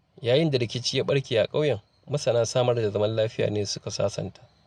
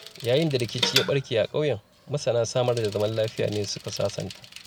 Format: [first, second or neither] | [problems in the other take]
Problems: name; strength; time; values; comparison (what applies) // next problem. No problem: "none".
first | background sound (Bicycle); 9 dB below the speech